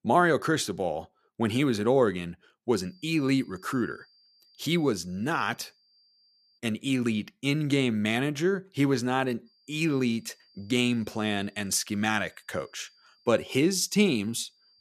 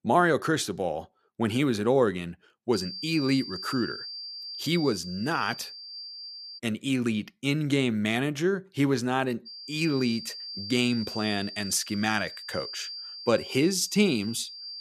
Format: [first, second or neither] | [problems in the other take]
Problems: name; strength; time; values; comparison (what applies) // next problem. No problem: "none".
first | high-pitched whine; loud; from 2.5 to 6.5 s and from 9.5 s on; 4.5 kHz, 10 dB below the speech; faint in the first